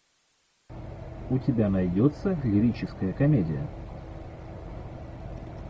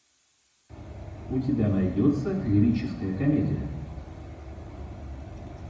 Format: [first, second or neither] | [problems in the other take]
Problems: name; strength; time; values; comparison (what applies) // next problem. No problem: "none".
first | room echo; dies away in 0.9 s